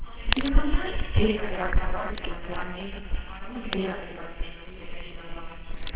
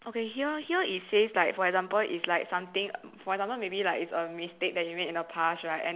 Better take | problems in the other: second | noise reduction (neural separator model SepFormer WHAMR!)

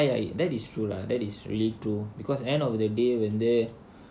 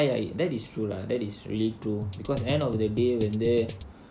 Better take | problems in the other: first | background sound (Drum kit); 7 dB below the speech

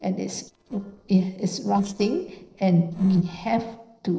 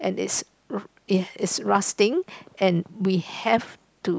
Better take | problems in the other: second | noise reduction (neural separator model SepFormer DNS4)

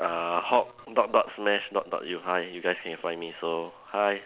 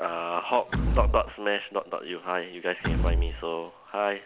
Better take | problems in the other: first | background sound (Door / Wood); as loud as the speech

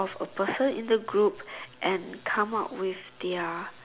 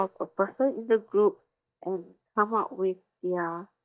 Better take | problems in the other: first | noise reduction (neural mask model DeepFilterNet 3)

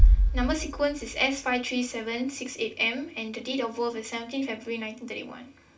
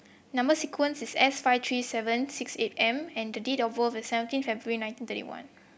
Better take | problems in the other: second | background sound (Bass drum); 3 dB above the speech // room echo; dies away in 0.3 s

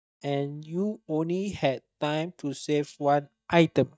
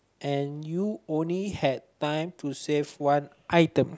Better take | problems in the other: second | noise reduction (neural mask model DeepFilterNet 3)

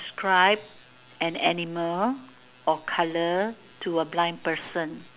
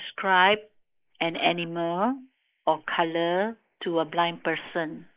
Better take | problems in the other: first | noise reduction (neural mask model Resemble Enhance denoiser)

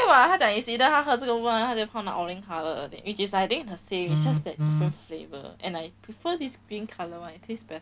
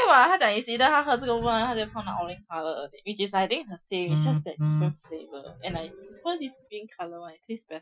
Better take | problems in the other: first | noise reduction (classical method Wiener filter)

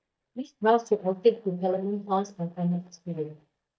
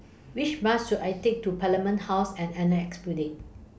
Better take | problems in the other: second | noise reduction (neural mask model DeepFilterNet 3)

